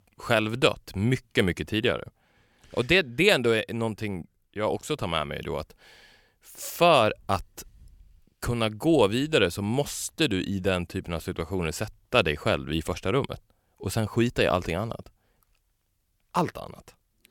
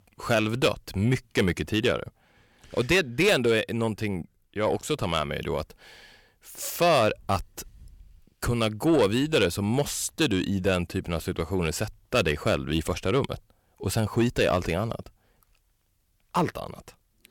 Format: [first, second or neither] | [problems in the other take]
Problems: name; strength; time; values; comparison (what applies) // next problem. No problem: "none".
first | distortion; slight; 10 dB below the speech